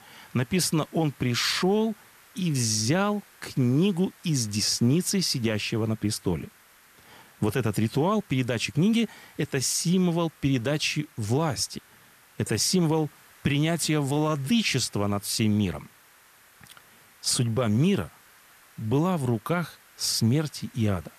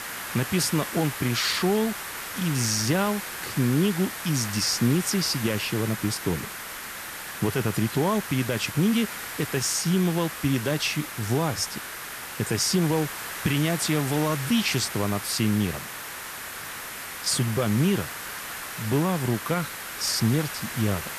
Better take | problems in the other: first | hiss; loud; throughout; 8 dB below the speech; faint in the first

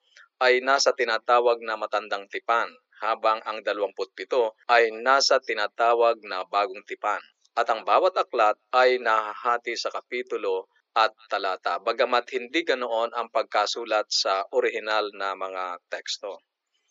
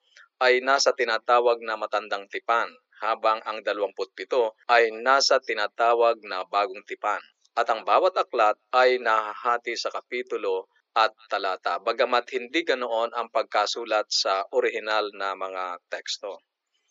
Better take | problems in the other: neither | thin; very; fading below 400 Hz; the same in both

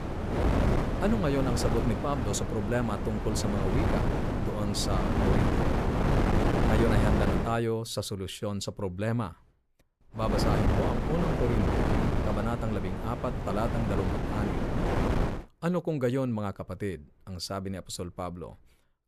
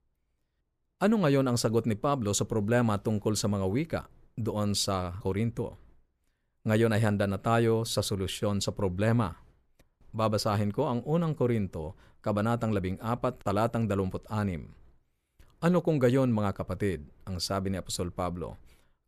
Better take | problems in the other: second | wind noise on the microphone; heavy; until 7.5 s and from 10 to 15 s; 1 dB above the speech

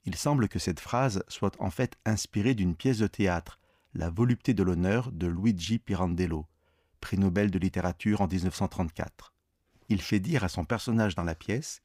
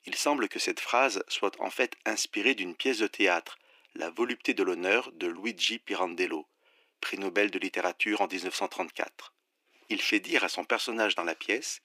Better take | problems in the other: first | thin; very; fading below 300 Hz

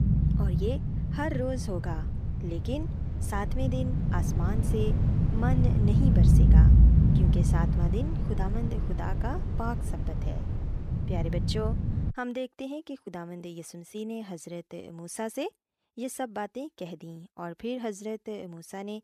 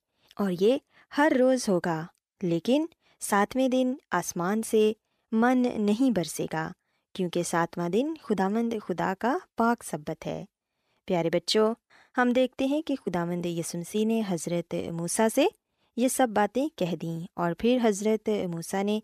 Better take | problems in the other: second | low rumble; loud; until 12 s; 1 dB below the speech

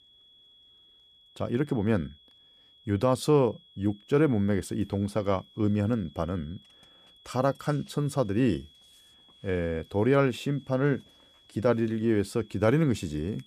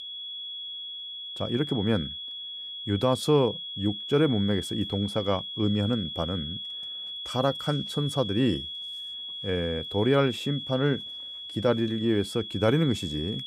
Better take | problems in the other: first | high-pitched whine; loud; throughout; 3.5 kHz, 7 dB below the speech; faint in the first

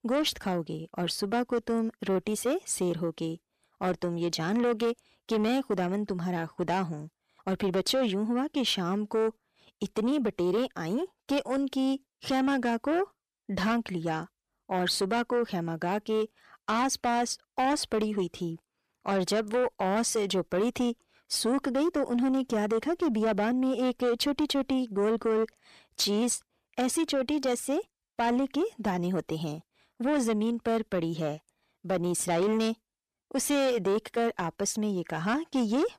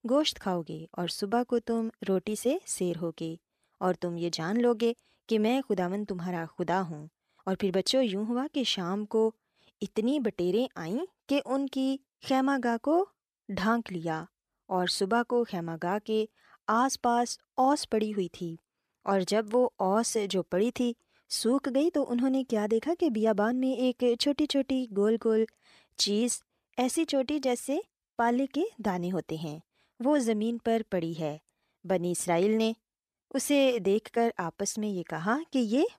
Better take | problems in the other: second | distortion; slight; 10 dB below the speech

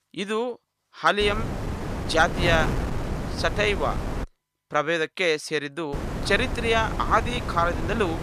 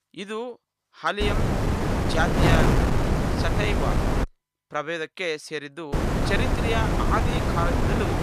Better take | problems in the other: first | wind noise on the microphone; heavy; from 1 to 4 s and from 6 s on; as loud as the speech; occasional gusts in the first

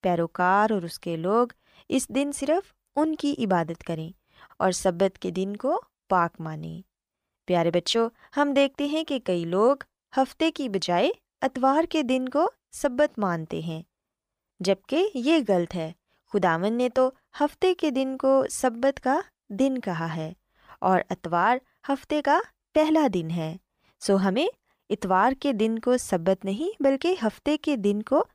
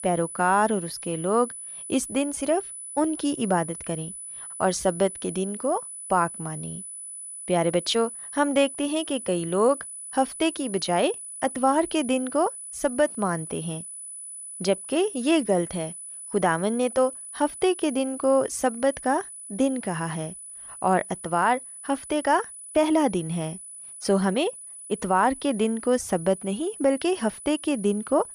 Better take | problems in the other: first | high-pitched whine; noticeable; throughout; 10 kHz, 10 dB below the speech

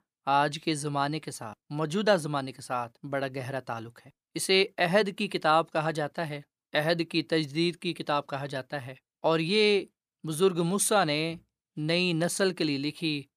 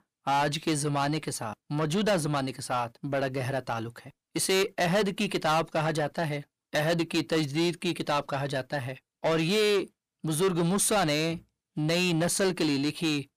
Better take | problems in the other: first | distortion; heavy; 7 dB below the speech

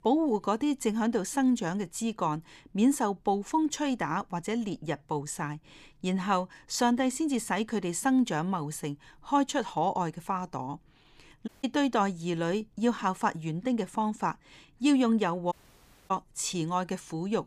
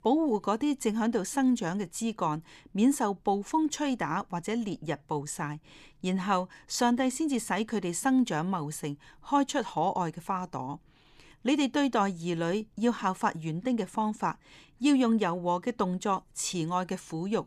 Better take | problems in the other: second | audio cutting out; at 11 s and at 16 s for 0.5 s

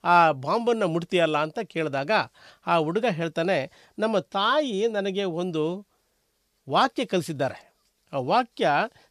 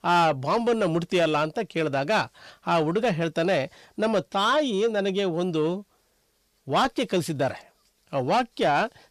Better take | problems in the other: first | distortion; slight; 10 dB below the speech

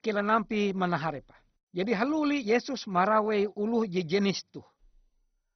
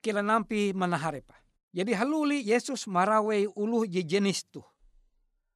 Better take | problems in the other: second | garbled, watery; badly; nothing above 6 kHz

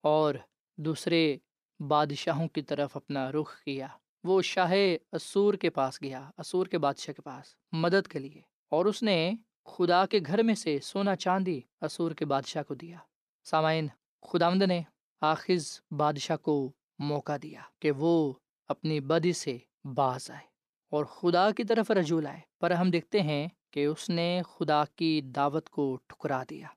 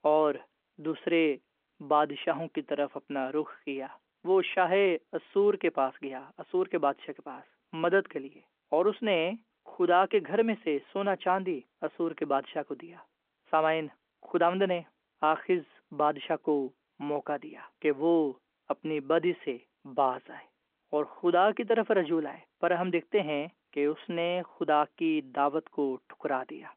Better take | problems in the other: first | phone-call audio

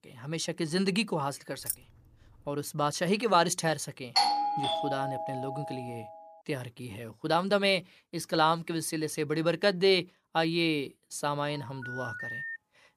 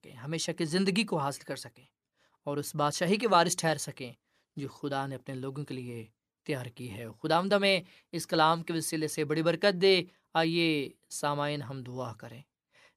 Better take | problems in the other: second | jangling keys; noticeable; at 1.5 s; peak 6 dB below the speech // doorbell; loud; from 4 to 5.5 s; peak 4 dB above the speech // phone ringing; noticeable; from 11 s on; peak 6 dB below the speech

